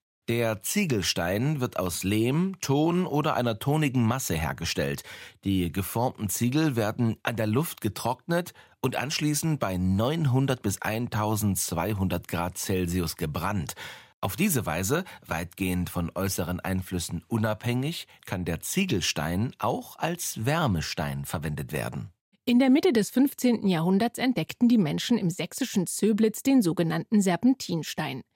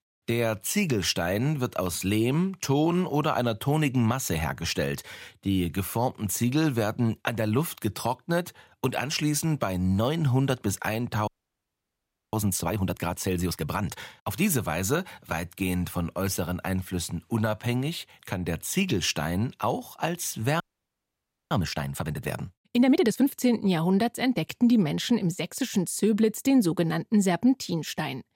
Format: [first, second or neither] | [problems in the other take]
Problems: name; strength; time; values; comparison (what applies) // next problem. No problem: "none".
first | audio freezing; at 11 s for 1 s and at 21 s for 1 s